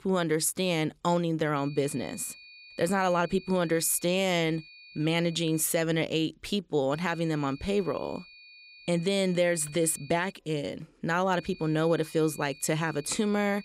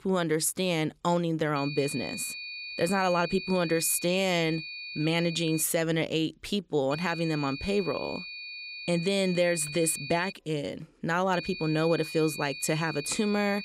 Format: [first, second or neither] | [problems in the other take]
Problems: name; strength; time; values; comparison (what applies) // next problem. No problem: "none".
first | high-pitched whine; loud; from 1.5 to 5.5 s, from 7 to 10 s and from 11 s on; 2.5 kHz, 9 dB below the speech; faint in the first